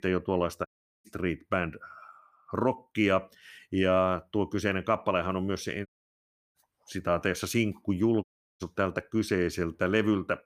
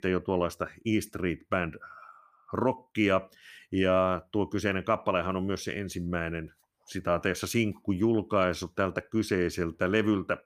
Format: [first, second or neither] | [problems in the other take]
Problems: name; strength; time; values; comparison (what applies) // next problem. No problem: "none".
second | audio cutting out; at 0.5 s, at 6 s for 0.5 s and at 8 s